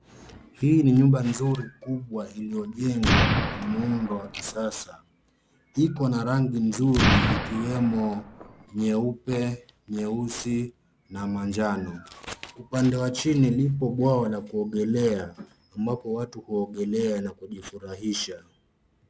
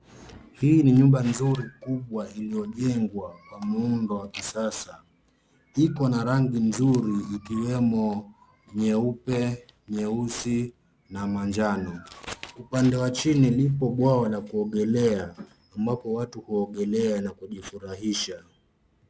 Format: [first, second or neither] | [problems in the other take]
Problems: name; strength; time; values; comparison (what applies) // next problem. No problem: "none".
second | background sound (Explosion); 1 dB above the speech